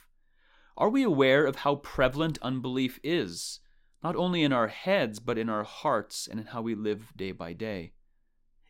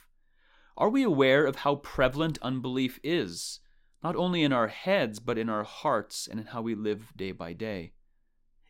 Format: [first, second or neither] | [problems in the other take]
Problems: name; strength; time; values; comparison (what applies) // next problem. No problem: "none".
neither | none